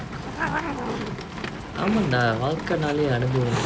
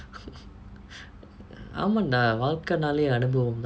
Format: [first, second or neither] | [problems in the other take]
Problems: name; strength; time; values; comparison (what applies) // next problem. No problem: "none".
second | background sound (Rain + Hiss); 4 dB below the speech